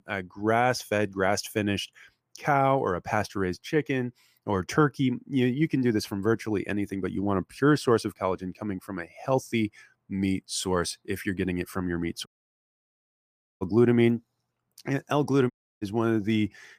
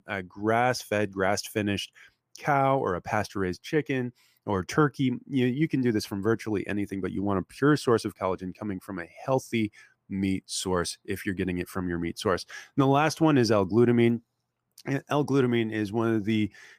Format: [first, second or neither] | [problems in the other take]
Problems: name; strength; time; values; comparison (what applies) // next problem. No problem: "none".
second | audio cutting out; at 12 s for 1.5 s and at 16 s